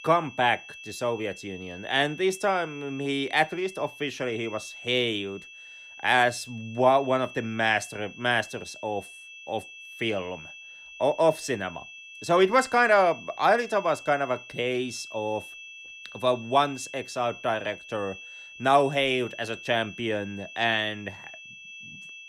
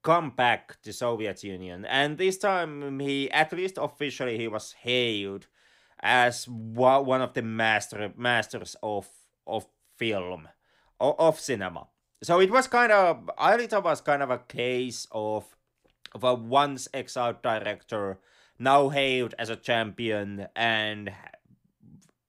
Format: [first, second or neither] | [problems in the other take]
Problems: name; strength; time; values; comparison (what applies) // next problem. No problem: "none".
second | high-pitched whine; noticeable; throughout; 2.5 kHz, 15 dB below the speech